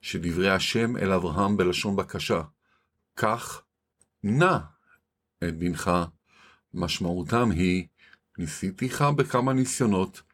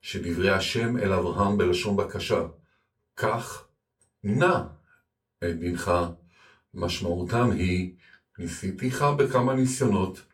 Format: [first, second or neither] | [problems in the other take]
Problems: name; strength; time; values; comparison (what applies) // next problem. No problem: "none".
first | off-mic speech; far // room echo; very slight; dies away in 0.2 s